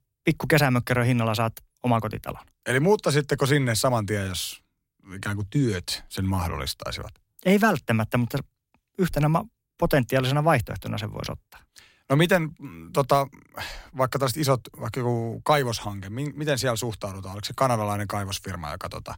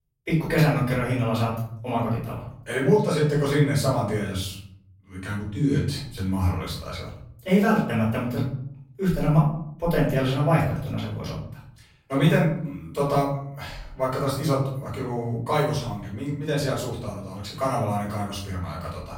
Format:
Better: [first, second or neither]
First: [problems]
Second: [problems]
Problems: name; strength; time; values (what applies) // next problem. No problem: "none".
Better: first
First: none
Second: off-mic speech; far // room echo; noticeable; dies away in 0.7 s